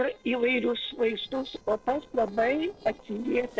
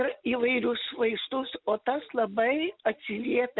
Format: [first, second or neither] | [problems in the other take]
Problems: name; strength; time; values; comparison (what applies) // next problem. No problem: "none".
second | noise reduction (neural separator model SepFormer DNS4)